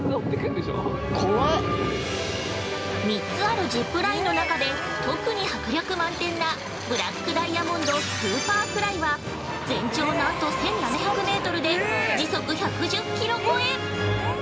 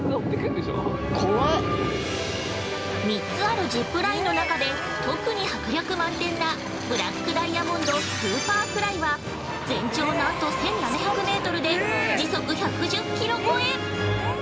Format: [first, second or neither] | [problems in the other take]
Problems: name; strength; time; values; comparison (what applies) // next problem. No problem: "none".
first | background sound (Bowed string instrument); 14 dB below the speech